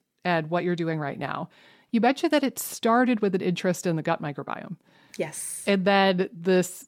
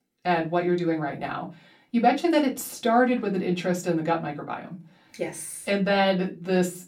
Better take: first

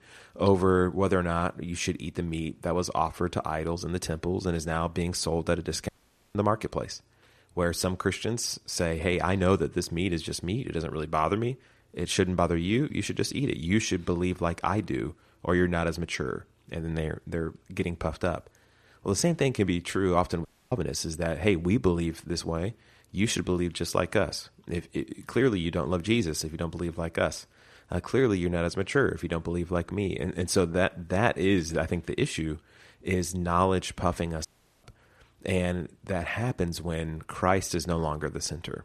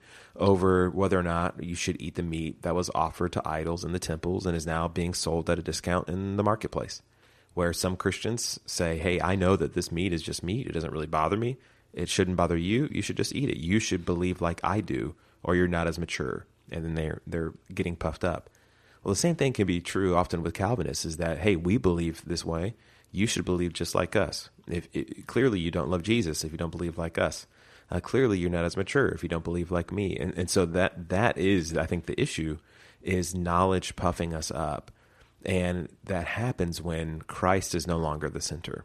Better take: second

